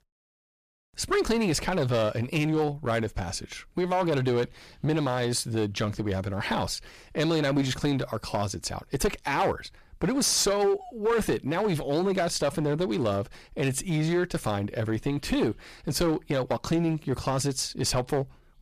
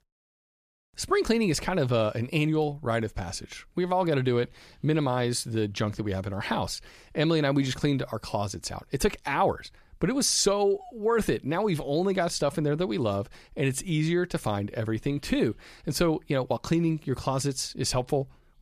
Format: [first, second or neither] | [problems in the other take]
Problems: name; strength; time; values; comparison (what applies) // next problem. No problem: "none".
second | distortion; slight; 9% of the sound clipped